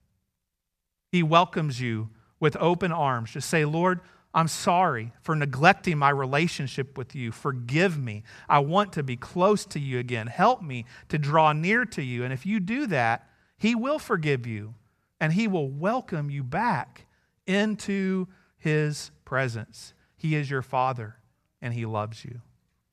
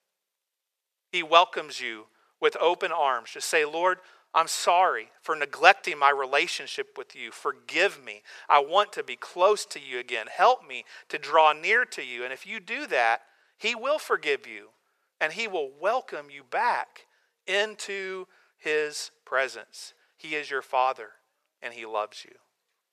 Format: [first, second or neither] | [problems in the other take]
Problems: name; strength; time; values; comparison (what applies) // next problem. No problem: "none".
first | thin; very; fading below 450 Hz